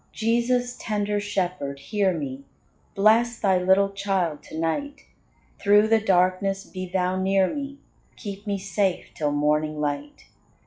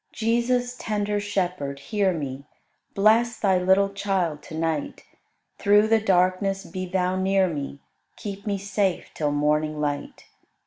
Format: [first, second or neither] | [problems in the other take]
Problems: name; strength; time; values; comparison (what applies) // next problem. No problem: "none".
second | noise reduction (classical method log-MMSE)